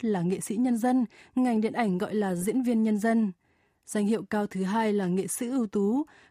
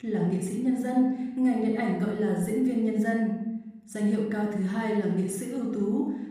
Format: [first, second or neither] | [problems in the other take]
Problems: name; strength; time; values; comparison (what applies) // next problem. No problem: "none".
first | off-mic speech; far // room echo; noticeable; dies away in 0.7 s